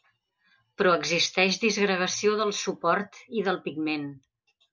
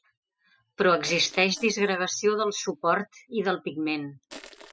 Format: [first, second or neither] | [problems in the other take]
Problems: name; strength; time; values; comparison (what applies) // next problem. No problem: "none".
first | noise reduction (classical method spectral subtraction)